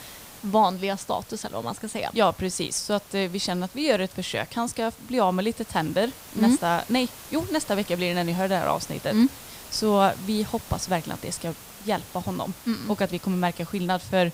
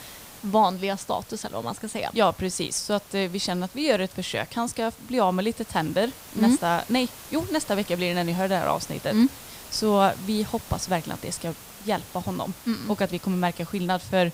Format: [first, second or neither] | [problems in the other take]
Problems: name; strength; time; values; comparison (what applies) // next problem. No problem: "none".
neither | hiss; noticeable; throughout; 15 dB below the speech; the same in both